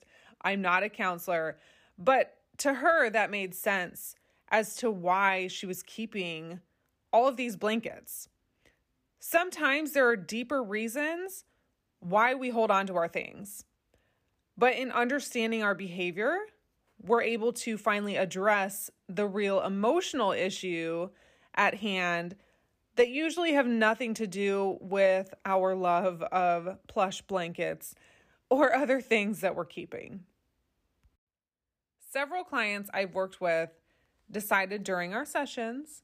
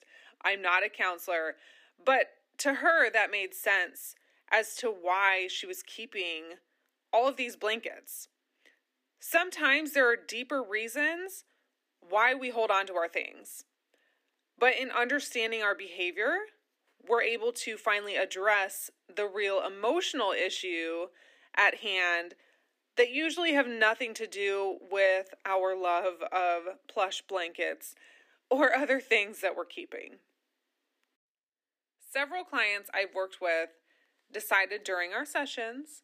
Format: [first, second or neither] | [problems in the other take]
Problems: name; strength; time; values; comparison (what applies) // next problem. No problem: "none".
first | thin; very slightly; fading below 250 Hz